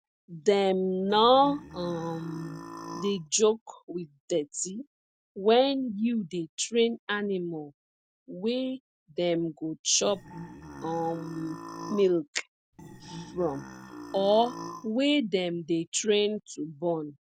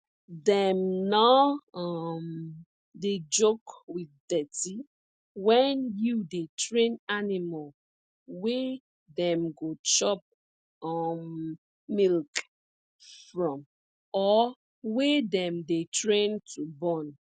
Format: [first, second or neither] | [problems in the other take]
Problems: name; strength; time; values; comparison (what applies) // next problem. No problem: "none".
second | background sound (Burping, eructation); 14 dB below the speech